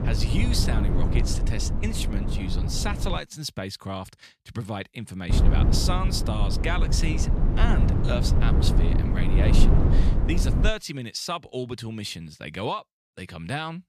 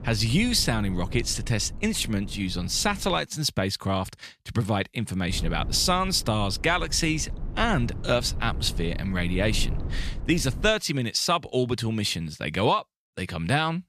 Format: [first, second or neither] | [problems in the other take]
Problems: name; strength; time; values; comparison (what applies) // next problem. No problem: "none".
second | low rumble; loud; until 3 s and from 5.5 to 11 s; 3 dB below the speech; faint in the second